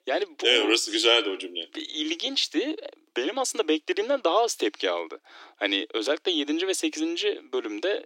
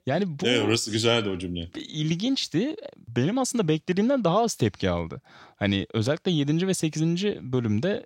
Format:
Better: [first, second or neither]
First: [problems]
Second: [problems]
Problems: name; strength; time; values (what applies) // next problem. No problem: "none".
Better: second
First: thin; somewhat; fading below 300 Hz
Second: none